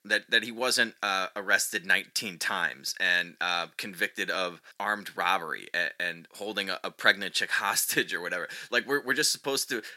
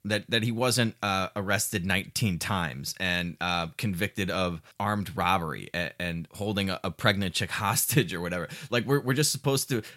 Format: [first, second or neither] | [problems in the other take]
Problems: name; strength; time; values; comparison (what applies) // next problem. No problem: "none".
second | thin; very; fading below 300 Hz